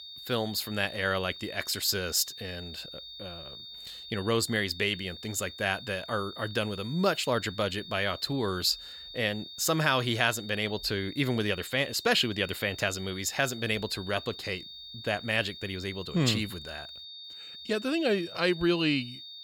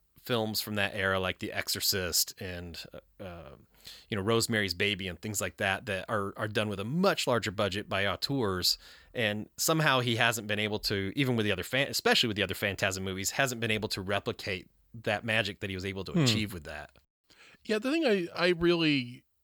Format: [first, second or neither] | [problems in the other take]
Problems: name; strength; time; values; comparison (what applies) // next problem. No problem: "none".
second | high-pitched whine; noticeable; throughout; 3.5 kHz, 15 dB below the speech